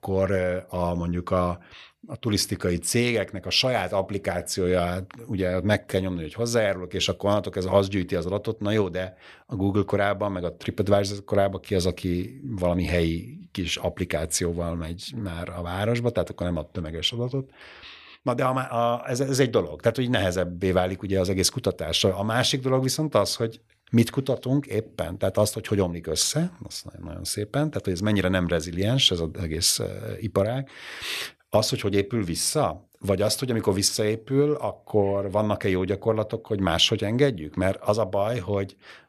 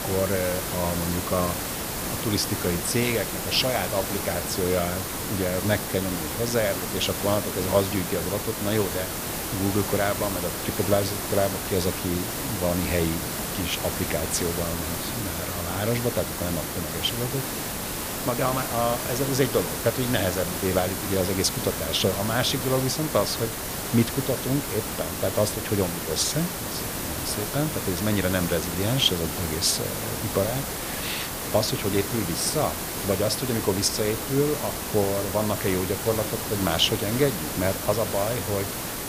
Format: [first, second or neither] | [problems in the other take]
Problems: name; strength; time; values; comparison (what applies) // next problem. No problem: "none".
first | hiss; loud; throughout; 2 dB below the speech